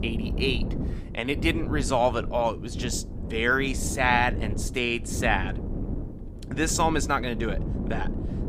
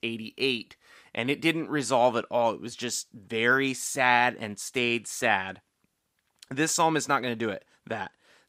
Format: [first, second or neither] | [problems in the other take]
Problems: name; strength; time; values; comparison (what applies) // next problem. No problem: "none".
second | wind noise on the microphone; occasional gusts; 15 dB below the speech